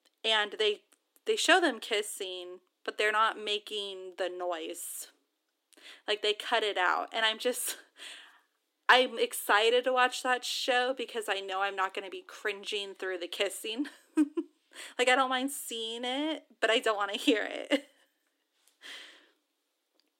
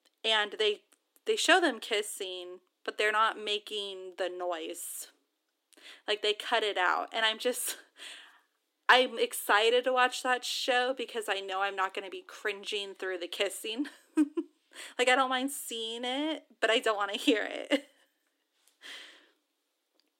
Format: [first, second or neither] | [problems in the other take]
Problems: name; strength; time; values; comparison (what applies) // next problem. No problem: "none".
neither | thin; very slightly; fading below 300 Hz; the same in both